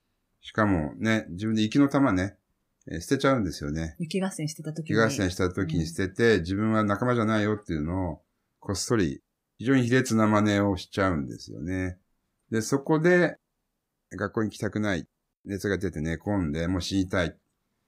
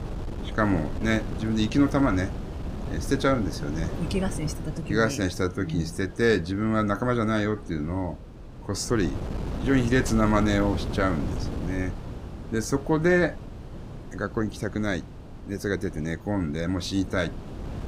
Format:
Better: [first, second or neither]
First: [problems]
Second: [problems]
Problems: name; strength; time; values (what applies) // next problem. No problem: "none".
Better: first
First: none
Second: wind noise on the microphone; occasional gusts; 15 dB below the speech